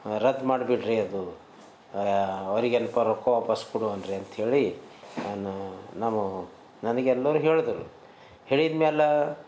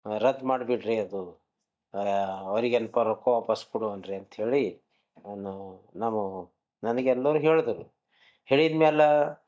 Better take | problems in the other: first | noise reduction (neural mask model DeepFilterNet 3)

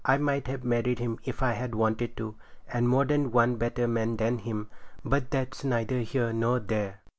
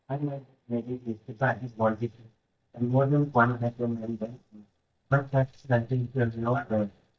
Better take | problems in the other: first | noise reduction (neural mask model DeepFilterNet 3)

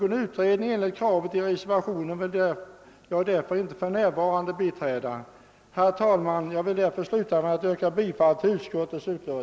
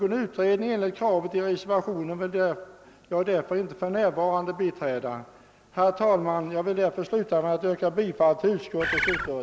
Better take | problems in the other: first | background sound (Bird); 1 dB below the speech

